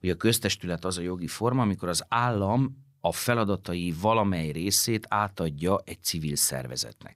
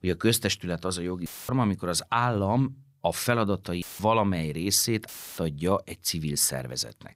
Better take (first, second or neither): first